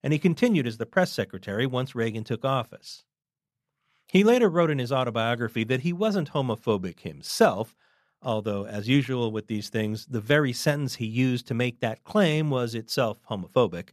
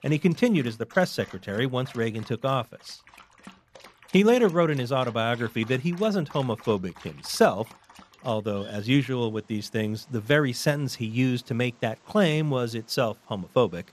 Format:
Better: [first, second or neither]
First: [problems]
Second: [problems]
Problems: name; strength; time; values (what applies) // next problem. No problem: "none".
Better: first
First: none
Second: animal sounds; faint; throughout; 25 dB below the speech